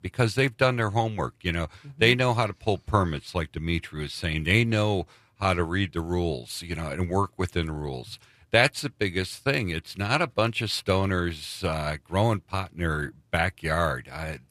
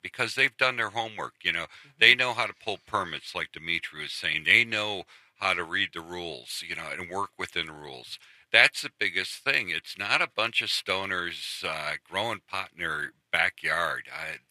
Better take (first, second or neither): first